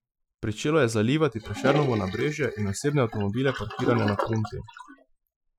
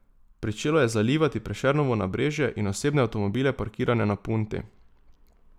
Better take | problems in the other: second | noise reduction (classical method Wiener filter)

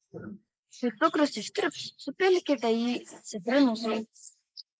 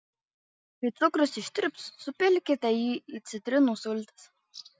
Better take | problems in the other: second | noise reduction (neural mask model Resemble Enhance denoiser)

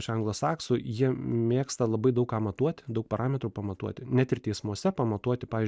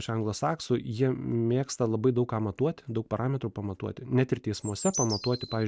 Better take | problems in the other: first | background sound (Bird); 8 dB below the speech

